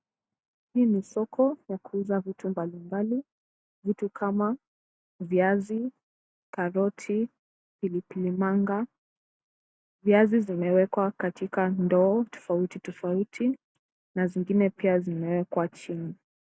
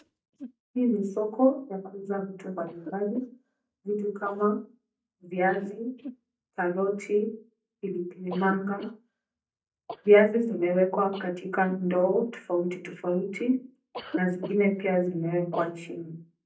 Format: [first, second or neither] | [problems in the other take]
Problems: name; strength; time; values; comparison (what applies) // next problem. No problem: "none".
first | noise reduction (neural mask model DeepFilterNet 3)